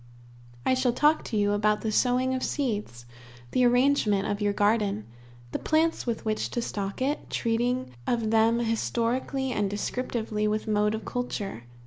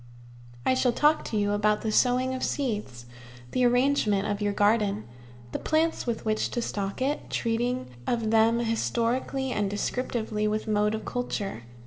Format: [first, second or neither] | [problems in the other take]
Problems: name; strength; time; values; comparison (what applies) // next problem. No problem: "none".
first | room echo; dies away in 1 s